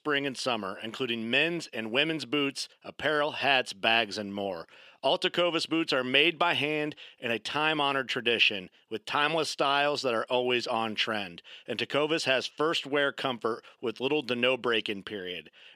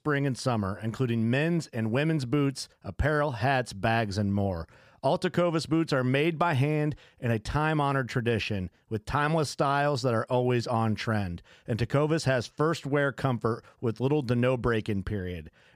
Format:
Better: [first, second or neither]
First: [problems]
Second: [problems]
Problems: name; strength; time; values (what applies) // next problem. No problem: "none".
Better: second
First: thin; somewhat; fading below 350 Hz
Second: none